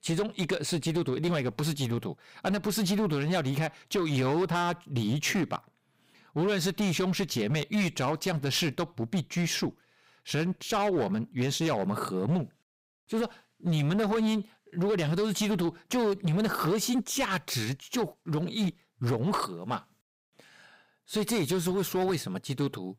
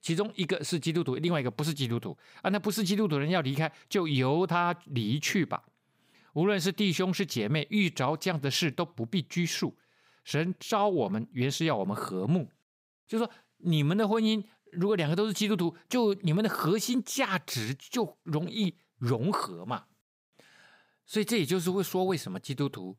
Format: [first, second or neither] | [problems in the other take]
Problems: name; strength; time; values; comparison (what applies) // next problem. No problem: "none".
second | distortion; slight; 10% of the sound clipped